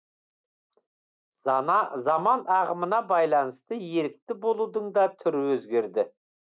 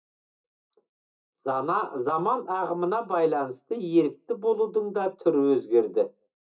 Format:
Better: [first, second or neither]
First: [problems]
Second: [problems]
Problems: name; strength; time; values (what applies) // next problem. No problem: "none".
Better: first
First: none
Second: room echo; dies away in 0.2 s